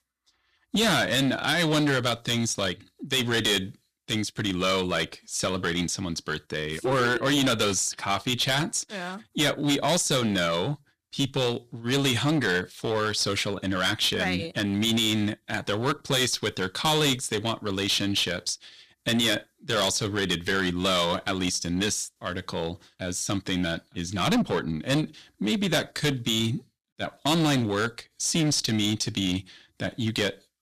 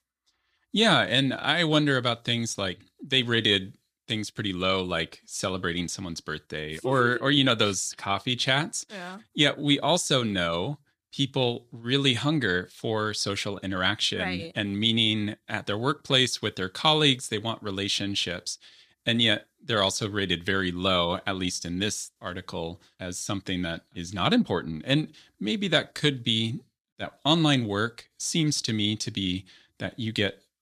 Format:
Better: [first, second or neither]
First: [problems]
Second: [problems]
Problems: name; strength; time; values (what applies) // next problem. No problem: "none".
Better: second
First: distortion; heavy; 10% of the sound clipped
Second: none